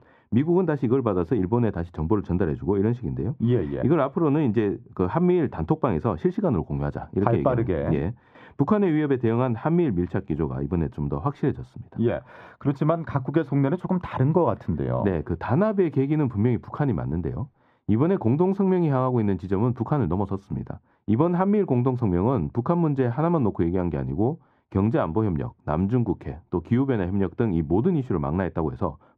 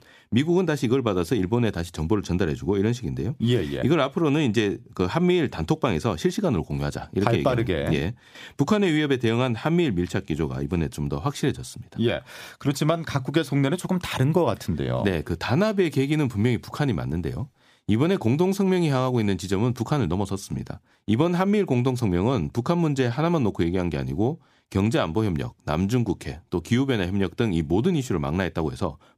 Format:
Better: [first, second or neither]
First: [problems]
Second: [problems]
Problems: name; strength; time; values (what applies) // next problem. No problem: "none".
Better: second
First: muffled; very; fading above 3.5 kHz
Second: none